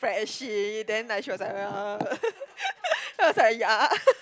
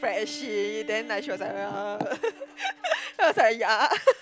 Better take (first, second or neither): first